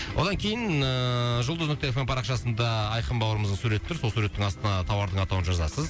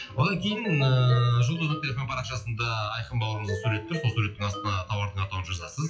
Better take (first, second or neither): first